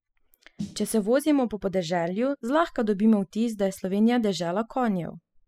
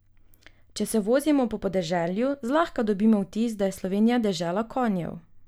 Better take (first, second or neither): second